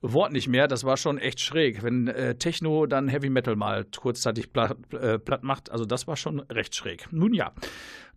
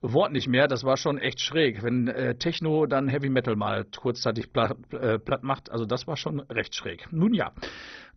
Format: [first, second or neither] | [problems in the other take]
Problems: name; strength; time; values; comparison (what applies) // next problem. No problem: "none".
first | garbled, watery; badly; nothing above 6 kHz